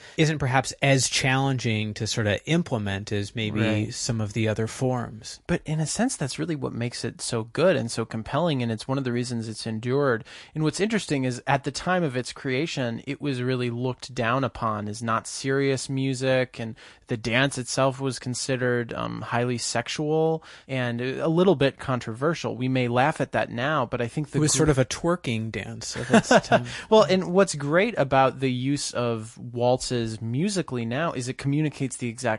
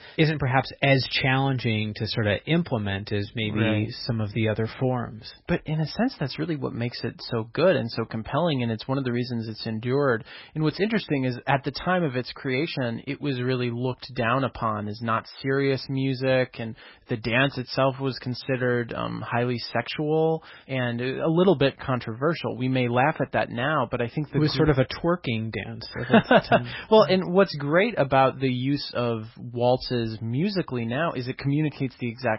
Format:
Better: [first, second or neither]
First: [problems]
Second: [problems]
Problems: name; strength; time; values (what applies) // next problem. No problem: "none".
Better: first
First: garbled, watery; slightly; nothing above 11 kHz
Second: garbled, watery; badly; nothing above 5.5 kHz